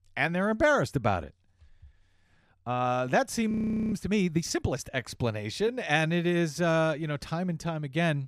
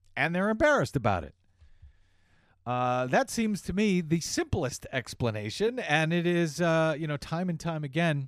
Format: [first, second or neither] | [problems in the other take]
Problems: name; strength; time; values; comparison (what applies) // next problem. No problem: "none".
second | audio freezing; at 3.5 s